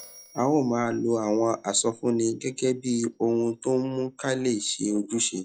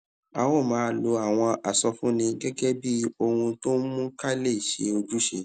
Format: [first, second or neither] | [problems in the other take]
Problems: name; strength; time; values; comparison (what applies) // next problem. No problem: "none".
second | noise reduction (classical method log-MMSE)